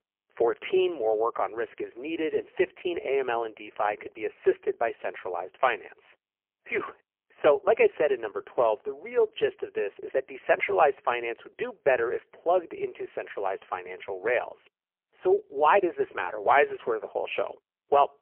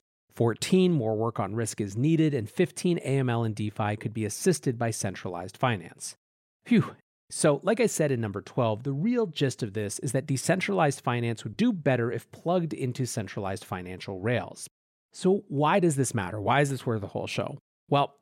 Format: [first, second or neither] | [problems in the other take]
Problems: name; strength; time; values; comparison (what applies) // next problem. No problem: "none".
second | phone-call audio; poor line; nothing above 3 kHz